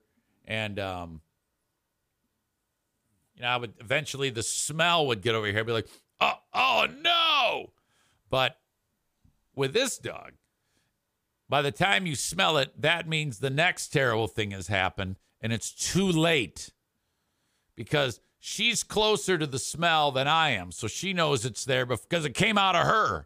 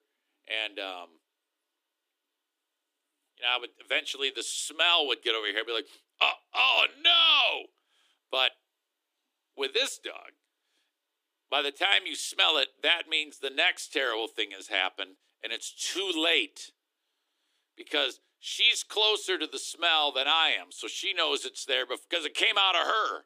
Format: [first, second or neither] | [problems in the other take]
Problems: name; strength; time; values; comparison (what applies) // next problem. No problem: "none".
first | thin; very; fading below 300 Hz